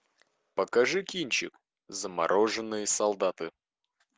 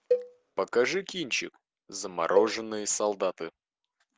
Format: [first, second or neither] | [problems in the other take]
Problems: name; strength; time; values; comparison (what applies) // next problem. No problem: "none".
first | background sound (Cowbell); 4 dB below the speech